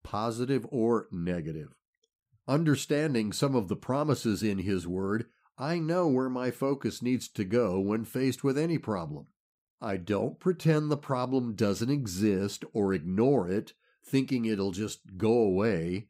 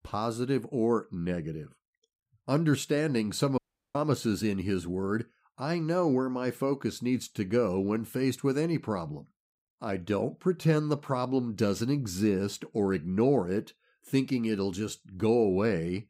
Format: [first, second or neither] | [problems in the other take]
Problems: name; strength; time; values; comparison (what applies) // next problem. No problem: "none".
first | audio cutting out; at 3.5 s